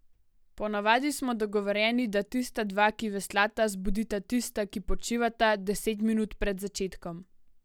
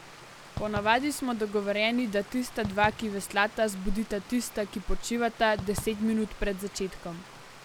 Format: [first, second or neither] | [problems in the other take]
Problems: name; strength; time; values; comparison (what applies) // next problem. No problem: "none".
first | background sound (Stream + Fireworks); 15 dB below the speech